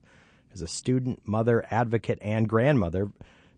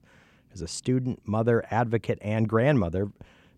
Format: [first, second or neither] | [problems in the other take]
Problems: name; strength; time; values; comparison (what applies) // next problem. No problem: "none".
second | garbled, watery; slightly; nothing above 9 kHz